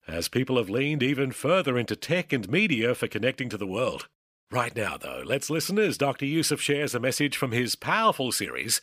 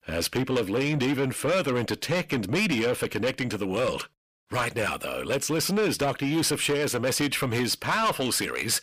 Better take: first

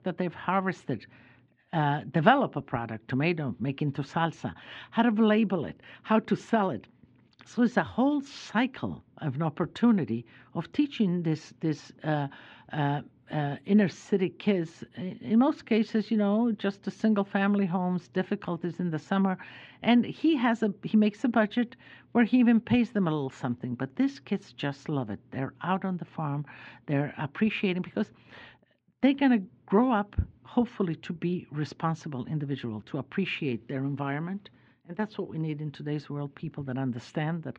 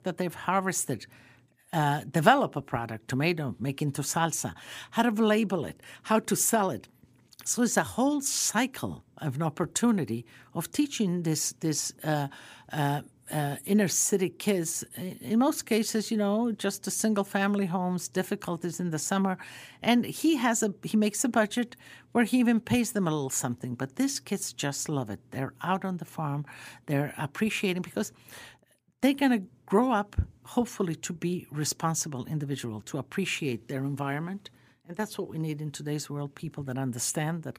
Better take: second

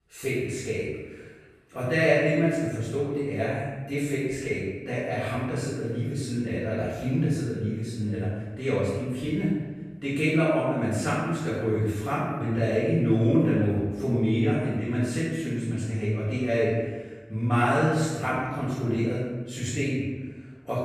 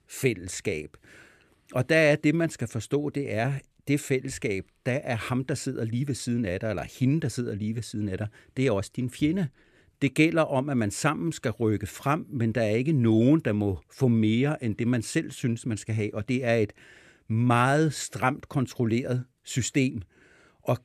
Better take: second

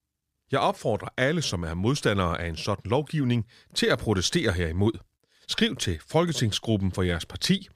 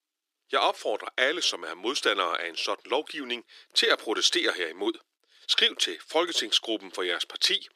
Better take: first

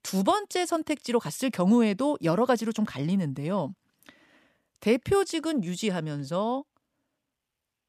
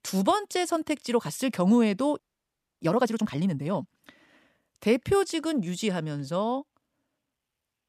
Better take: first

